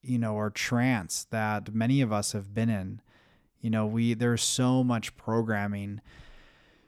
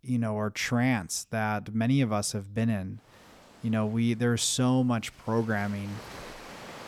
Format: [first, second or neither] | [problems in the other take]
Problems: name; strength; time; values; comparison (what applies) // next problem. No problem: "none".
first | rain or running water; noticeable; throughout; 20 dB below the speech